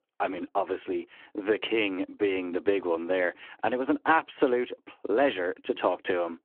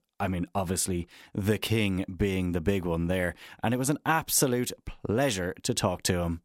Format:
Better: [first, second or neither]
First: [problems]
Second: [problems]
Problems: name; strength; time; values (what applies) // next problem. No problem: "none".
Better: second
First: phone-call audio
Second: none